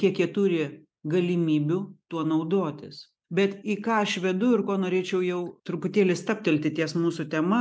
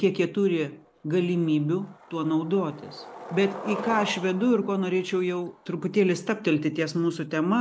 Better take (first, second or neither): first